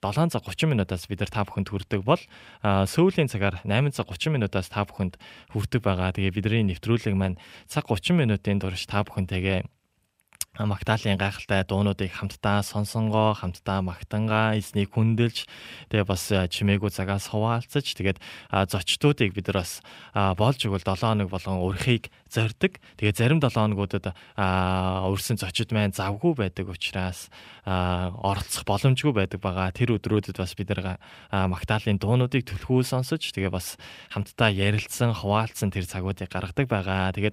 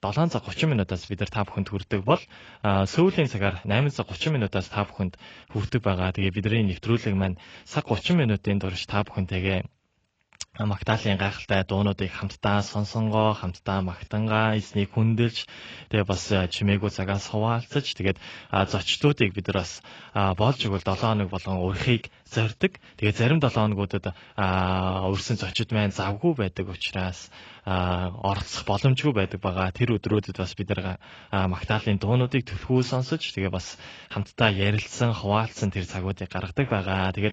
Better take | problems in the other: first | garbled, watery; badly; nothing above 7.5 kHz

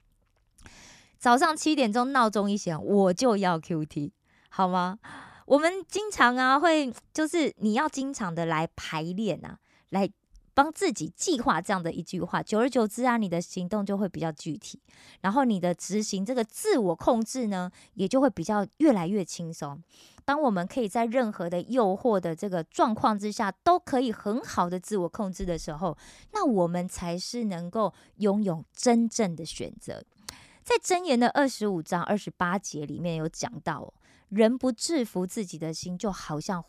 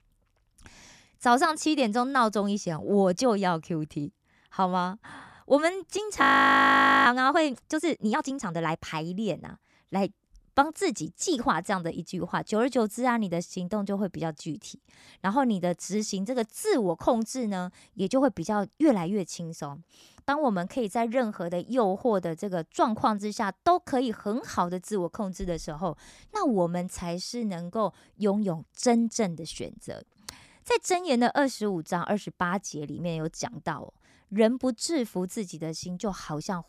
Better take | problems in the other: first | audio freezing; at 6 s for 1 s

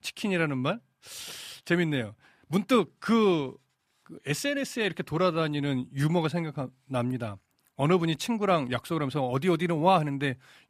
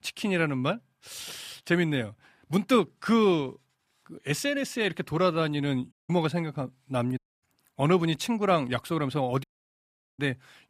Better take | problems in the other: first | audio cutting out; at 6 s, at 7 s and at 9.5 s for 0.5 s

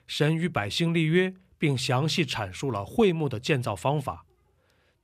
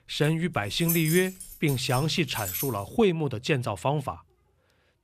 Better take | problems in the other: first | jangling keys; noticeable; until 2.5 s; peak 2 dB below the speech

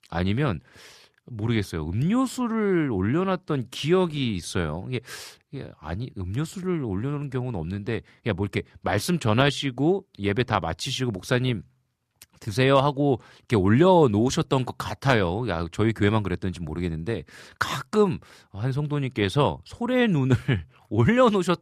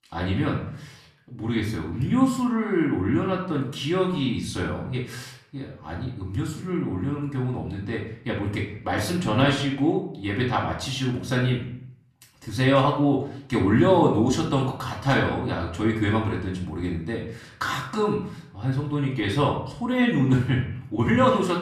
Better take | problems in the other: first | off-mic speech; far // room echo; slight; dies away in 0.5 s

